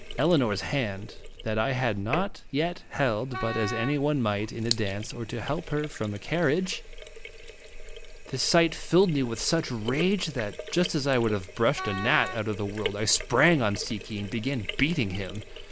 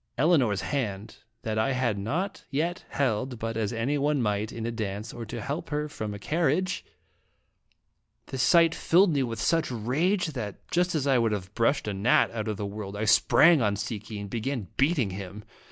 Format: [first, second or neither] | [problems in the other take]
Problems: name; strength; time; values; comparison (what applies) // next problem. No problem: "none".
second | background sound (Wind instrument, woodwind instrument + Sink (filling or washing)); 10 dB below the speech